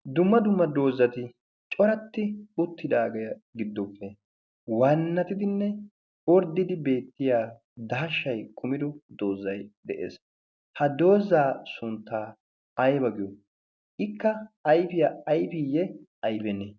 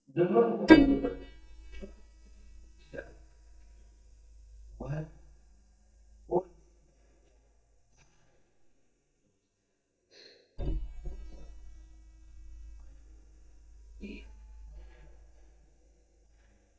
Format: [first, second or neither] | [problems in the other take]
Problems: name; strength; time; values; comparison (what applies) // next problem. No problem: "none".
first | noise reduction (neural mask model DeepFilterNet 3)